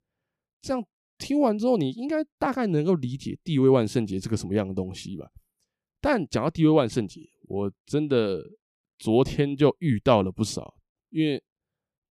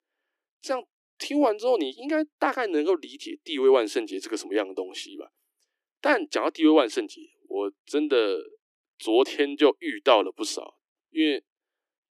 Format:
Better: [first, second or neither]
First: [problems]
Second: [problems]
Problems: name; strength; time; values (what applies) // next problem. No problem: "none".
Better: first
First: none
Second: thin; somewhat; fading below 300 Hz